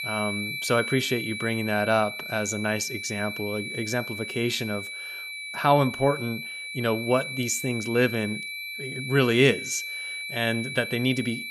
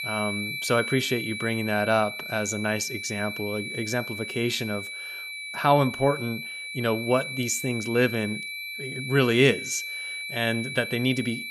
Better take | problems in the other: neither | high-pitched whine; loud; throughout; 2.5 kHz, 6 dB below the speech; the same in both

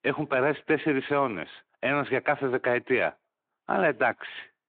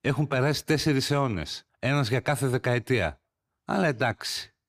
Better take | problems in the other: second | phone-call audio; nothing above 3.5 kHz

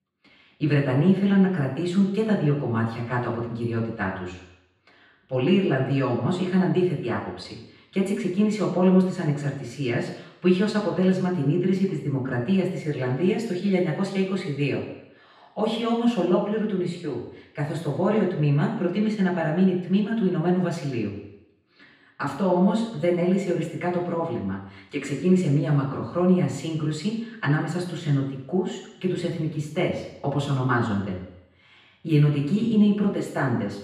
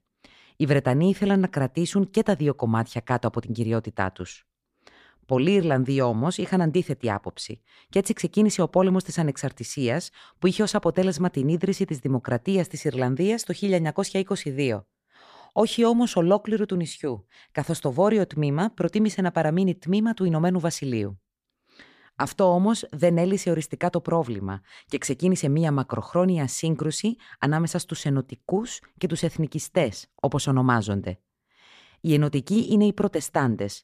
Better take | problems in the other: second | room echo; noticeable; dies away in 0.9 s // off-mic speech; far

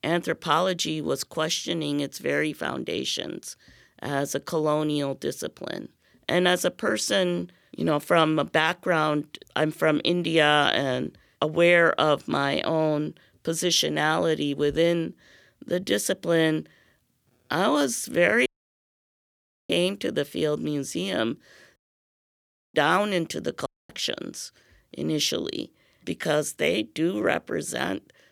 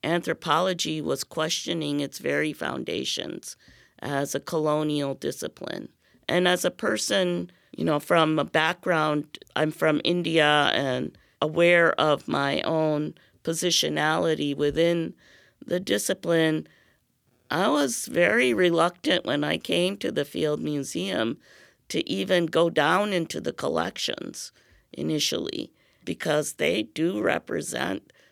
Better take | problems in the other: second | audio cutting out; at 18 s for 1 s, at 22 s for 1 s and at 24 s

